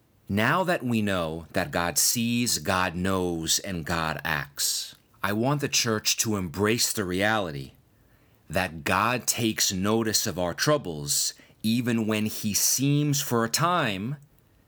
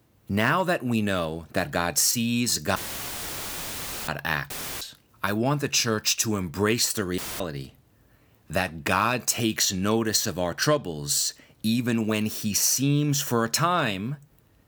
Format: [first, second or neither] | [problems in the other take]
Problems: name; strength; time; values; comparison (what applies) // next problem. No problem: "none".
first | audio cutting out; filled with static; at 3 s for 1.5 s, at 4.5 s and at 7 s